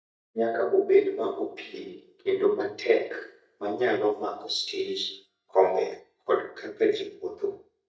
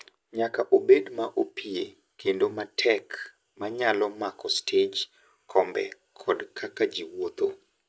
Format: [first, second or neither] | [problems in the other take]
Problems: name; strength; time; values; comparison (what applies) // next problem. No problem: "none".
second | noise reduction (neural mask model DeepFilterNet 3)